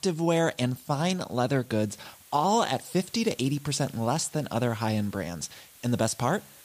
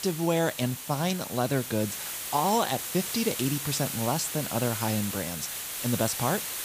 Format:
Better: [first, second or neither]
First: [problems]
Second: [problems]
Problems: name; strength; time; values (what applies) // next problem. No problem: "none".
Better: first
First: hiss; faint; throughout; 25 dB below the speech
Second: hiss; loud; throughout; 4 dB below the speech